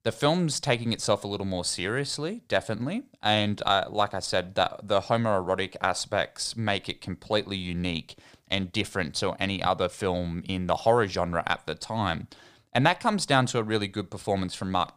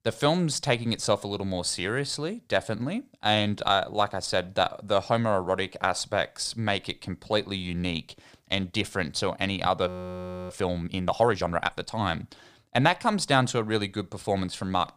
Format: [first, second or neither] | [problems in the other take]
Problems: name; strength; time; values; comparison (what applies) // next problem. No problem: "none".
first | audio freezing; at 10 s for 0.5 s